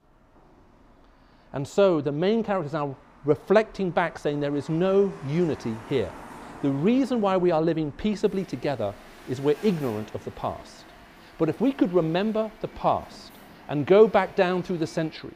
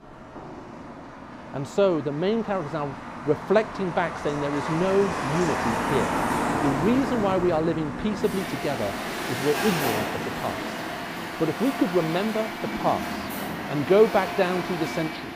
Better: first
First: traffic noise; faint; throughout; 20 dB below the speech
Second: traffic noise; loud; throughout; 4 dB below the speech

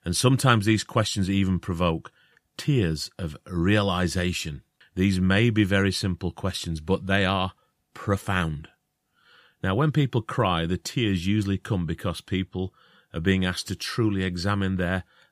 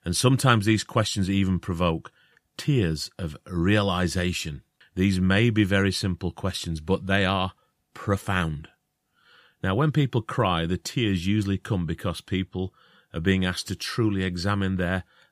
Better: neither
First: none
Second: none

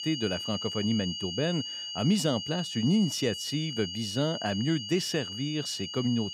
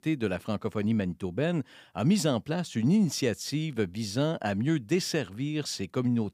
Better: second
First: high-pitched whine; loud; throughout; 3 kHz, 5 dB below the speech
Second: none

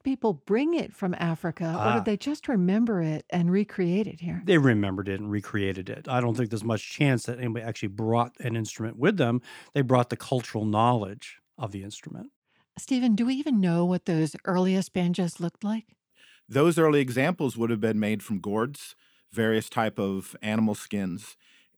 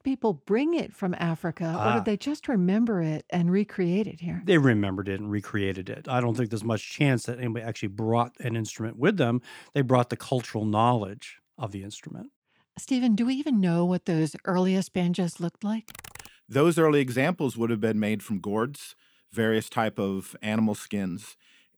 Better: first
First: none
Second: keyboard typing; faint; at 16 s; peak 15 dB below the speech

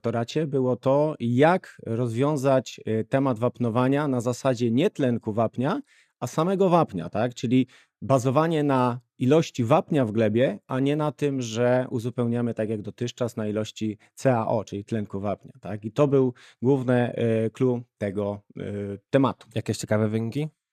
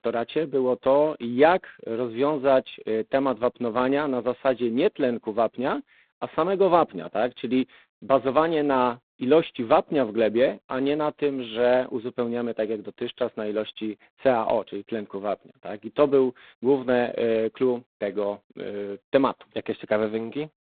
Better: first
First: none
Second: phone-call audio; poor line; nothing above 4 kHz

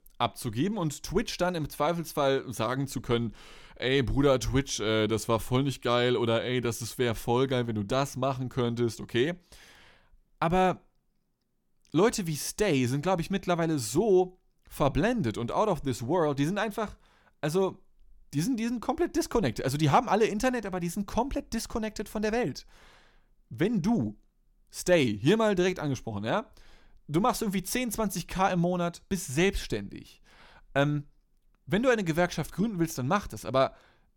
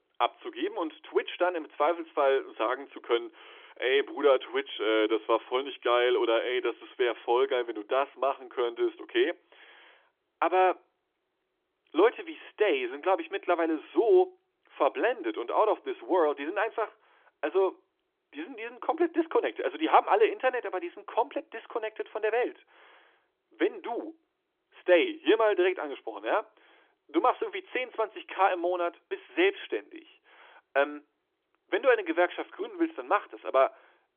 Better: first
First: none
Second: phone-call audio; nothing above 3.5 kHz

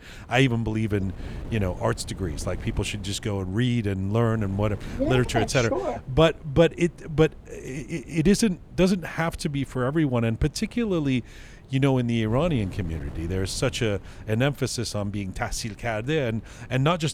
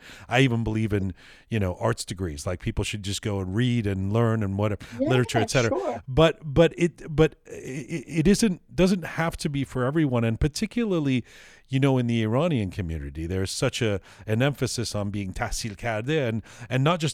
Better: second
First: wind noise on the microphone; occasional gusts; 25 dB below the speech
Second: none

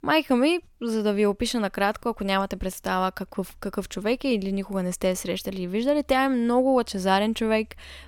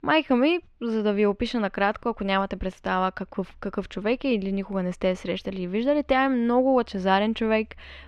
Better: first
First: none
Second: muffled; slightly; fading above 2.5 kHz

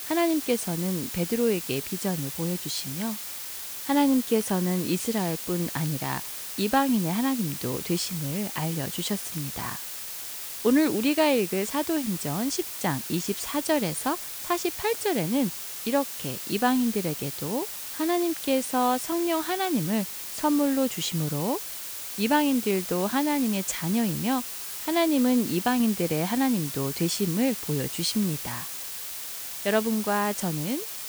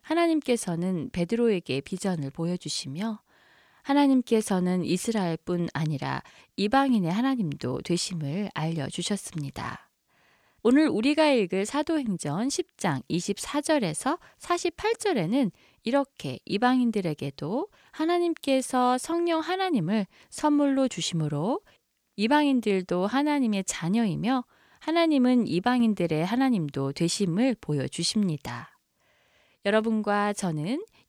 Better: second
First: hiss; loud; throughout; 6 dB below the speech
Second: none

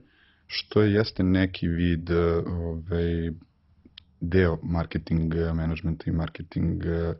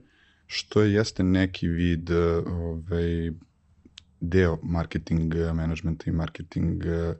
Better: second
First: garbled, watery; badly; nothing above 5.5 kHz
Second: garbled, watery; slightly; nothing above 8 kHz

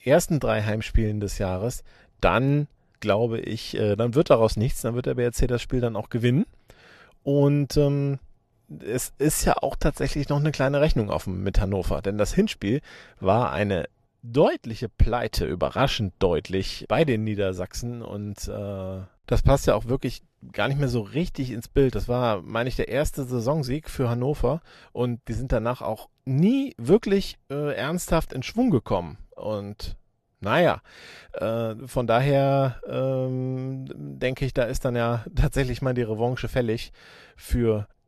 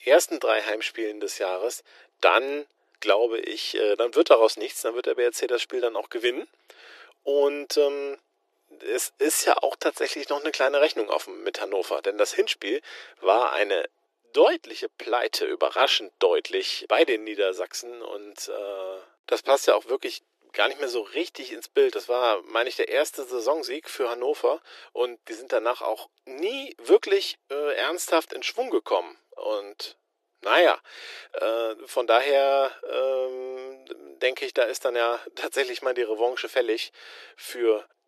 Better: first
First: none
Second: thin; very; fading below 350 Hz

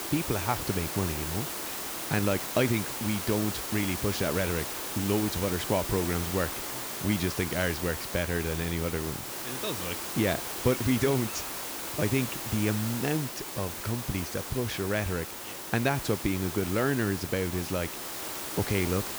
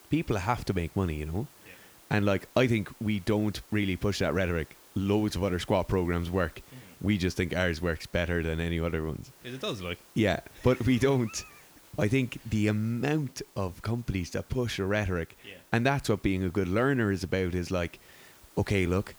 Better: second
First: hiss; loud; throughout; 3 dB below the speech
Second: hiss; faint; throughout; 25 dB below the speech

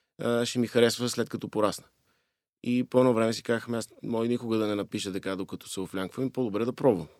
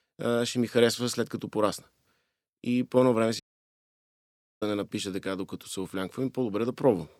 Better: first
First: none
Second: audio cutting out; at 3.5 s for 1 s

